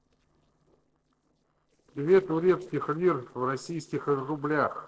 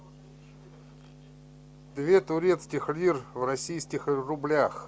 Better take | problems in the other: second | noise reduction (neural separator model SepFormer DNS4)

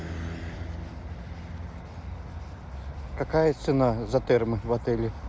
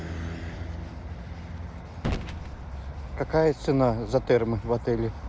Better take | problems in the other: first | background sound (Gunshot, gunfire); 11 dB below the speech

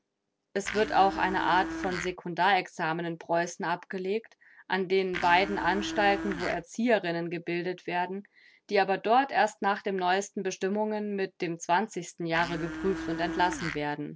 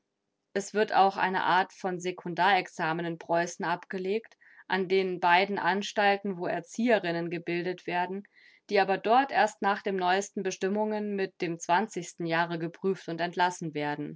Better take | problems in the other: second | background sound (Domestic sounds, home sounds); 7 dB below the speech

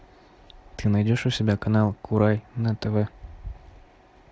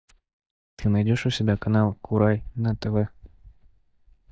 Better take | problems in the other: first | noise reduction (neural mask model DeepFilterNet 3)

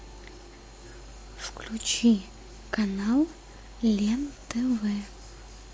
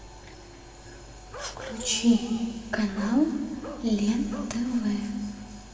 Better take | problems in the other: first | background sound (Bark); 16 dB below the speech // room echo; dies away in 1.8 s

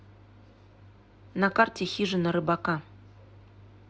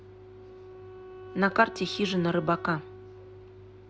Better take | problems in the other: first | background sound (Wind instrument, woodwind instrument); 15 dB below the speech

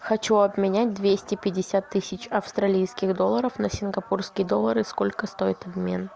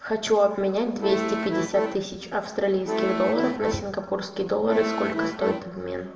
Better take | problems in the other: first | background sound (Accordion); 2 dB below the speech // room echo; dies away in 0.7 s

